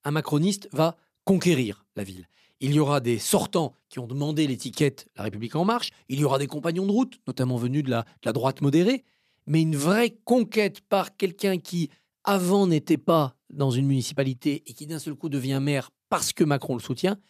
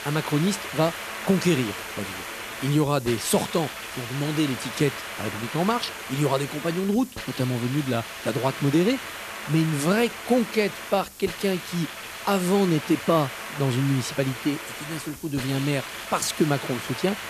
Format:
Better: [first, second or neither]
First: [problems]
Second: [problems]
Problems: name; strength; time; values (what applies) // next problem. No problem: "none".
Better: first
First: none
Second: hiss; loud; throughout; 8 dB below the speech